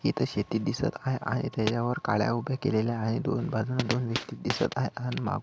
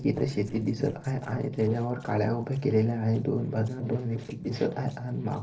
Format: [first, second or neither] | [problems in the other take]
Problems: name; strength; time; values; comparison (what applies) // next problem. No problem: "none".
first | noise reduction (neural separator model SepFormer DNS4)